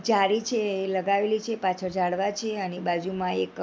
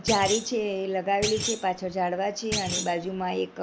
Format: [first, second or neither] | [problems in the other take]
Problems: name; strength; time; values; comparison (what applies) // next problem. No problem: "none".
first | background sound (Thump, thud); 7 dB below the speech